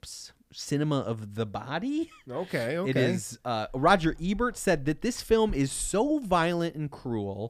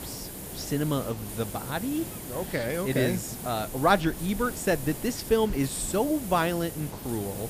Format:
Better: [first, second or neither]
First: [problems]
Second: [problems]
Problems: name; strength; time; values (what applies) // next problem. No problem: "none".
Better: first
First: none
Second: hiss; loud; throughout; 9 dB below the speech